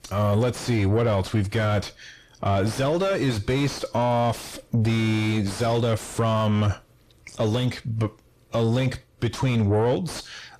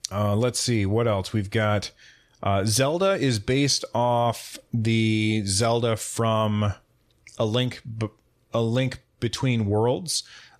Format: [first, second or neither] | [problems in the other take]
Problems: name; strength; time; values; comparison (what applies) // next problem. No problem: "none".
second | distortion; heavy; 7 dB below the speech